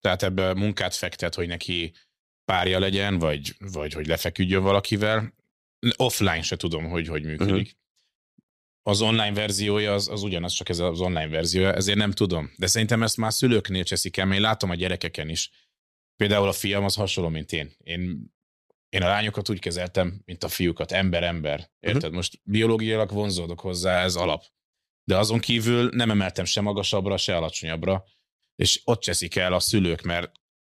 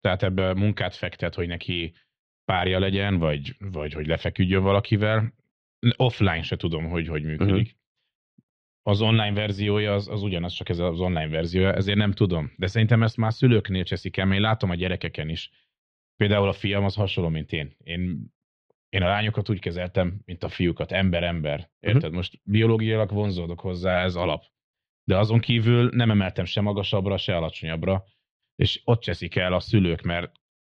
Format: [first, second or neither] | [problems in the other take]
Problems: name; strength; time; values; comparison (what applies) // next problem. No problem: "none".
first | muffled; very; fading above 3 kHz